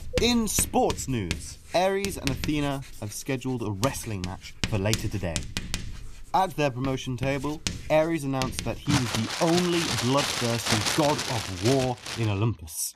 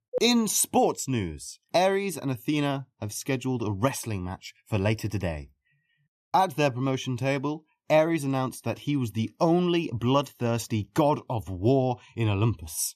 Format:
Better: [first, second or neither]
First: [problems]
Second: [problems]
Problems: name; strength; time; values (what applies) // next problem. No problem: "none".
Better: second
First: household noises; loud; throughout; 4 dB below the speech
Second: none